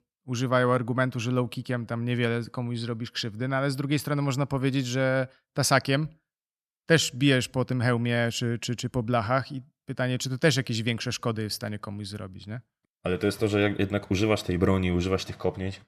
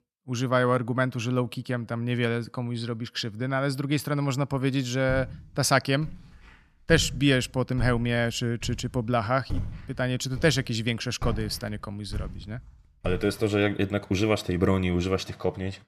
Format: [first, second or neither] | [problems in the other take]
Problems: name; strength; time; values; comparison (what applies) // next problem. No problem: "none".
first | footsteps; noticeable; from 5 to 13 s; peak 8 dB below the speech